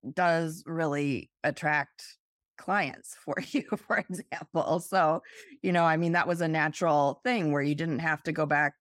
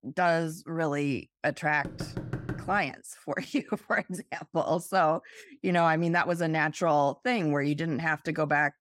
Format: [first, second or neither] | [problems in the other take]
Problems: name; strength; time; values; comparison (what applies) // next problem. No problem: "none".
first | door banging; noticeable; at 2 s; peak 8 dB below the speech